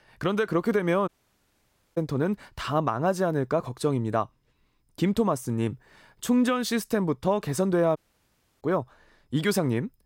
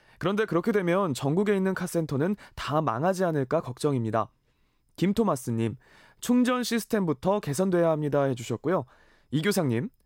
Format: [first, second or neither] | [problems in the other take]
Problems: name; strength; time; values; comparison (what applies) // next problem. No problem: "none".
second | audio cutting out; at 1 s for 1 s and at 8 s for 0.5 s